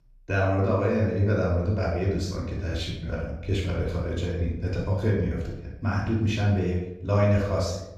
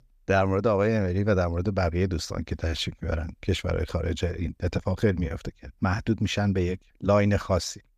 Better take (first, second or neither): second